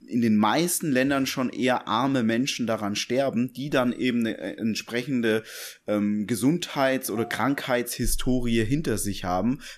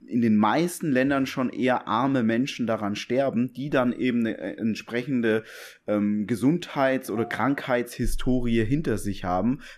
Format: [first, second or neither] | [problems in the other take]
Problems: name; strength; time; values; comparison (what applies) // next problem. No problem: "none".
first | muffled; slightly; fading above 3 kHz